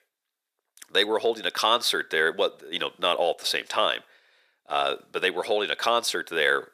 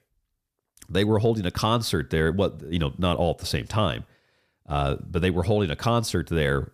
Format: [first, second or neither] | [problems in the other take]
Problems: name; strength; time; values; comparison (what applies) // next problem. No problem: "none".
second | thin; very; fading below 450 Hz